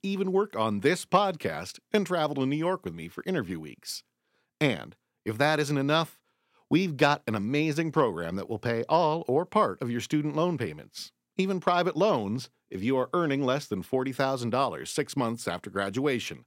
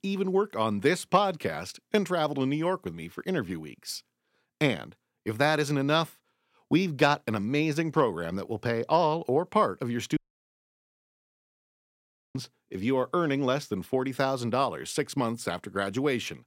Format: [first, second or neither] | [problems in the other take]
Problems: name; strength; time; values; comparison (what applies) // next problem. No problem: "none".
first | audio cutting out; at 10 s for 2 s